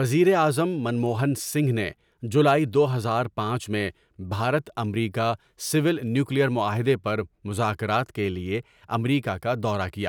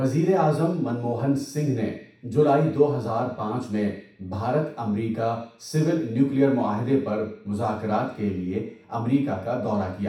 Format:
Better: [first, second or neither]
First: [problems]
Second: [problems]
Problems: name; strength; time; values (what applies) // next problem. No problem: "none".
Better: first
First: none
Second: room echo; dies away in 0.7 s